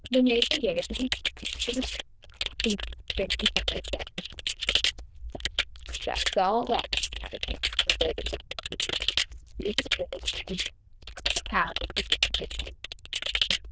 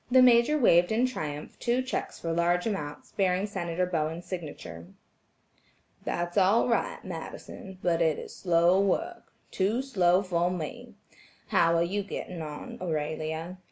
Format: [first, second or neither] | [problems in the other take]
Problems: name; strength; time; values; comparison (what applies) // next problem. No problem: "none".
second | noise reduction (neural diffusion model UNIVERSE++)